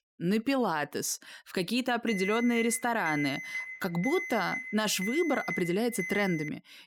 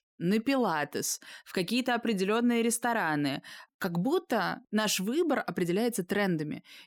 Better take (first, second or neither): second